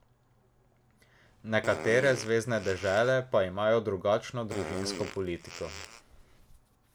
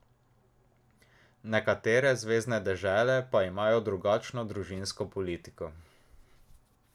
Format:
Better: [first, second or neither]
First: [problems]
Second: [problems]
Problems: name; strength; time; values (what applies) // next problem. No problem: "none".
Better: second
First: background sound (Fart); 11 dB below the speech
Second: none